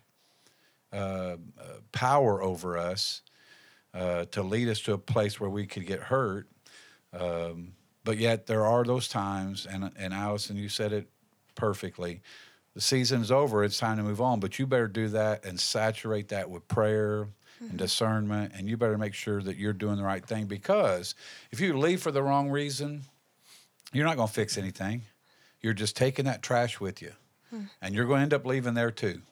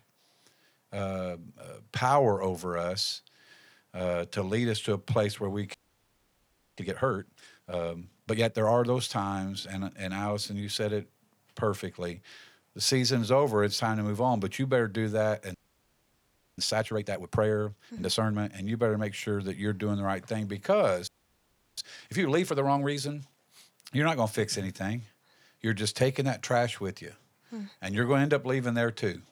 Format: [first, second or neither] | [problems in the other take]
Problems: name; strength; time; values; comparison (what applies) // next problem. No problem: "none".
first | audio freezing; at 5.5 s for 1 s, at 16 s for 1 s and at 21 s for 0.5 s